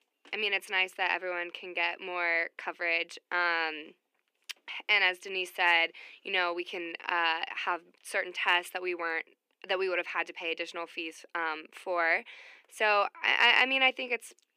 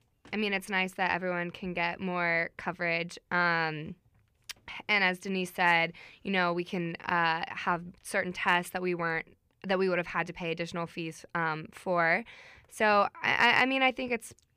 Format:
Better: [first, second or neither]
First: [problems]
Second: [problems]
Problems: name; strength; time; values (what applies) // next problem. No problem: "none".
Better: second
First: thin; somewhat; fading below 300 Hz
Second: none